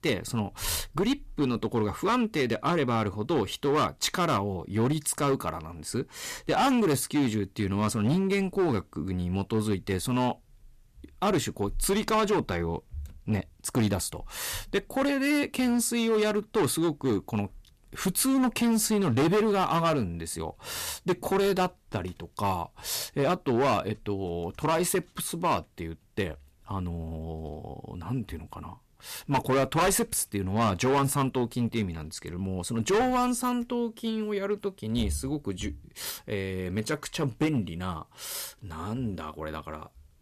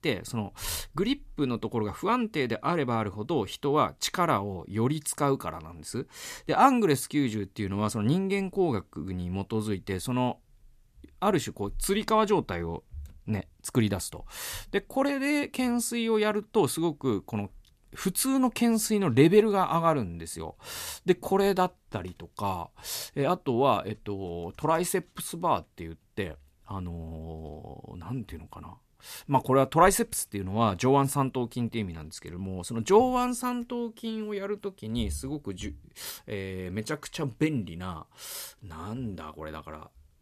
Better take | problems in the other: second | distortion; heavy; 8% of the sound clipped

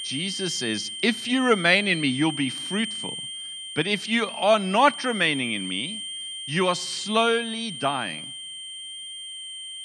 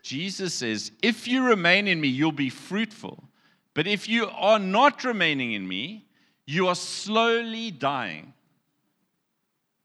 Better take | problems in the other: second | high-pitched whine; loud; throughout; 3 kHz, 8 dB below the speech

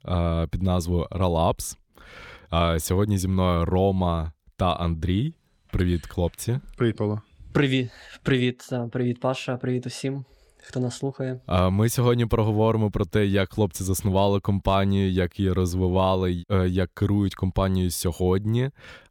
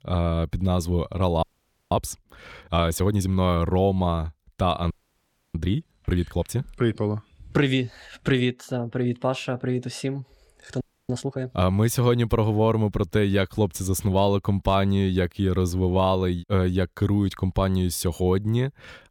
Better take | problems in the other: first | audio freezing; at 1.5 s, at 5 s for 0.5 s and at 11 s

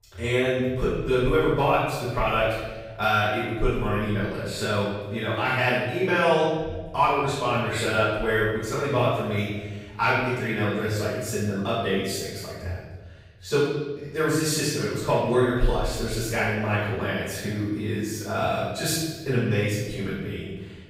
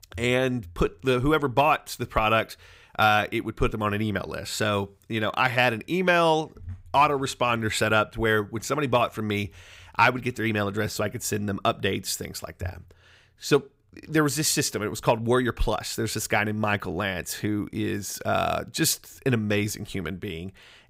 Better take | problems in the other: second | off-mic speech; far // room echo; strong; dies away in 1.3 s

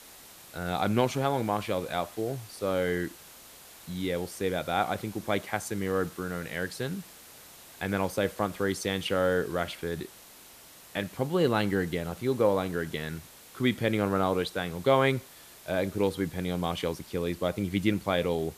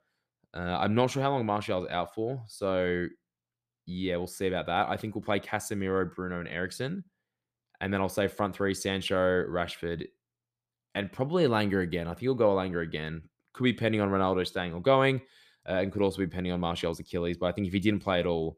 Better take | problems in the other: second | hiss; noticeable; throughout; 20 dB below the speech

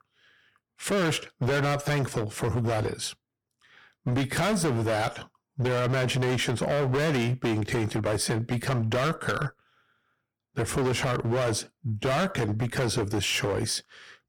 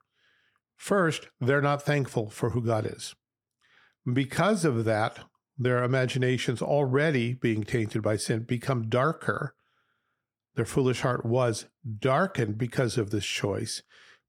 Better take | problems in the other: second | distortion; heavy; 20% of the sound clipped

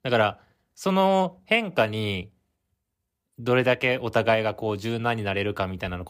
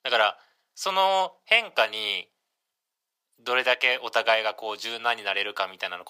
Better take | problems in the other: first | thin; very; fading below 850 Hz

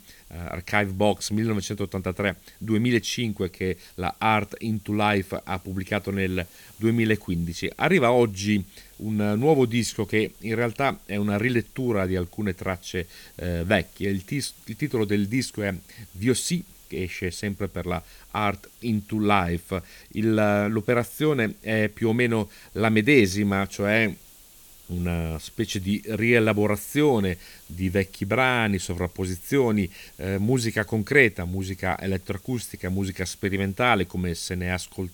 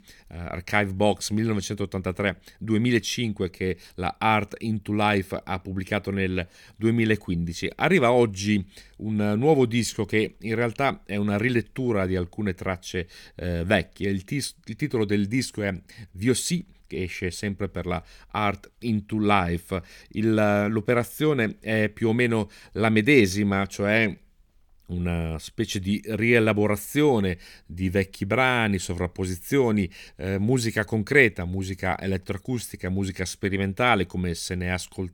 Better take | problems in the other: second | hiss; faint; throughout; 25 dB below the speech

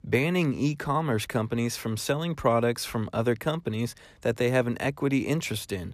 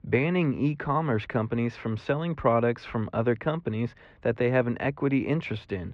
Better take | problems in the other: first | muffled; very; fading above 2.5 kHz

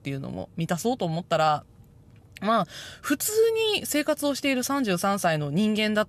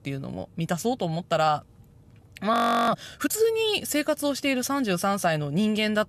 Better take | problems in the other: first | audio freezing; at 2.5 s

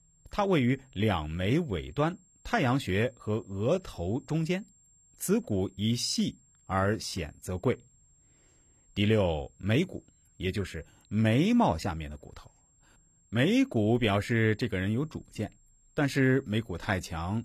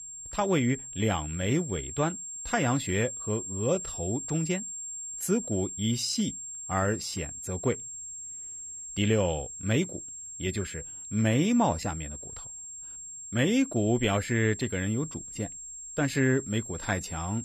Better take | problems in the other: first | high-pitched whine; loud; throughout; 7.5 kHz, 8 dB below the speech; faint in the first

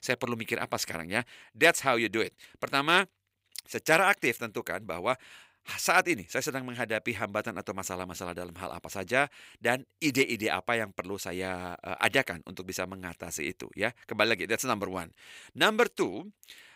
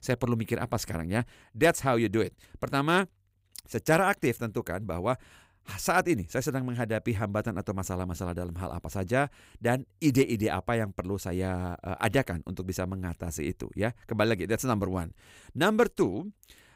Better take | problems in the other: second | thin; somewhat; fading below 500 Hz

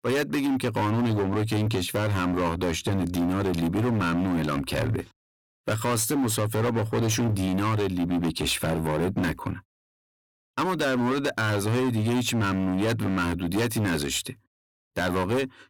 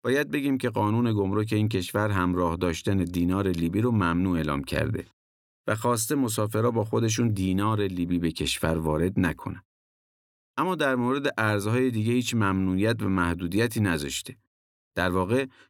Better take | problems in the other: second | distortion; heavy; 24% of the sound clipped

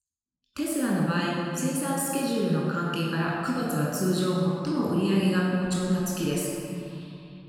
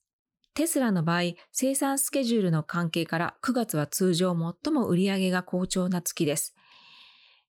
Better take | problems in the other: second | off-mic speech; far // room echo; strong; dies away in 2.6 s

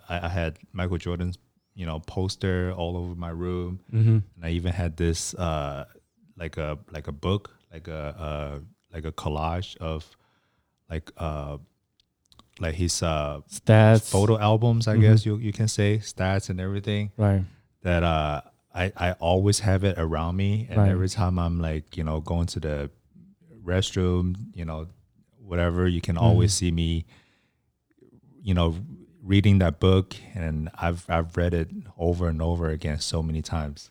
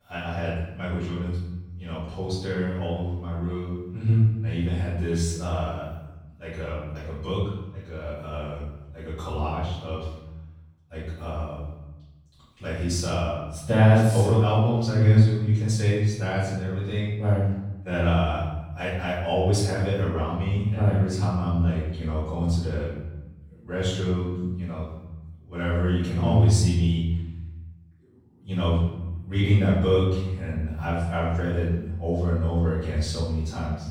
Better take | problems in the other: first | room echo; strong; dies away in 1 s // off-mic speech; far

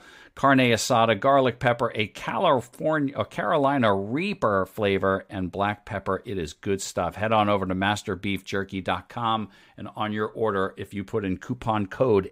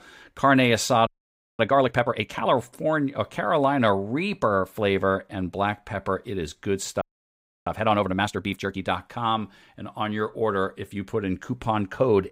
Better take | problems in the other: first | audio freezing; at 1 s for 0.5 s and at 7 s for 0.5 s

